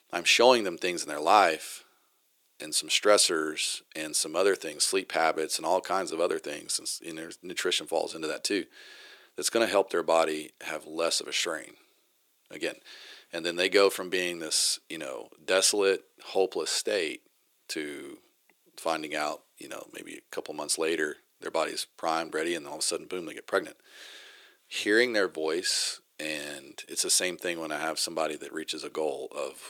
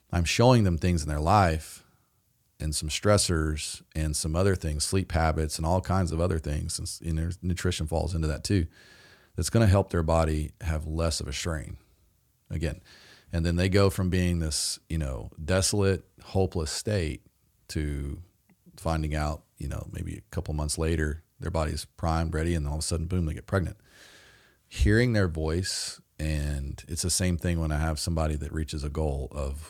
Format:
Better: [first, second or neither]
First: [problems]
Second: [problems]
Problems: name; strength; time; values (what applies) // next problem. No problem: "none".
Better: second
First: thin; very; fading below 350 Hz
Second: none